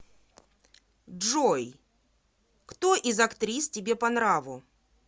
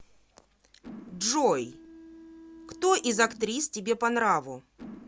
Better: first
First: none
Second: background sound (Mechanisms); 19 dB below the speech

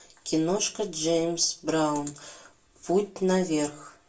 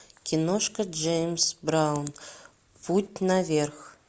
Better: second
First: room echo; dies away in 0.2 s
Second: none

